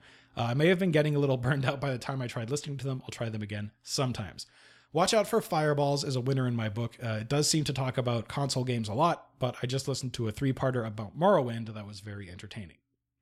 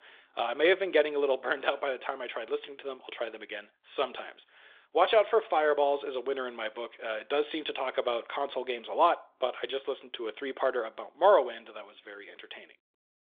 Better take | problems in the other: first | phone-call audio; nothing above 3.5 kHz

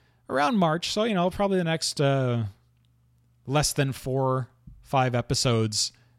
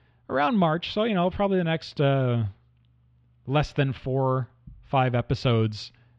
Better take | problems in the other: first | muffled; slightly; fading above 3.5 kHz

